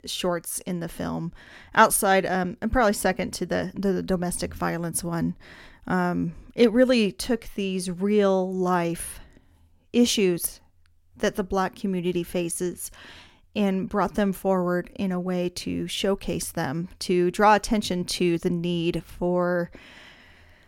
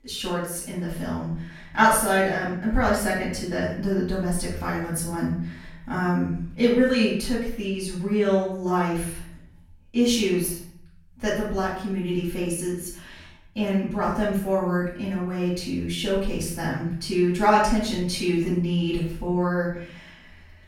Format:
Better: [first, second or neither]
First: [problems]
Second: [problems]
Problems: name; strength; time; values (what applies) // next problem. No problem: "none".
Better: first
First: none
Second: off-mic speech; far // room echo; noticeable; dies away in 0.6 s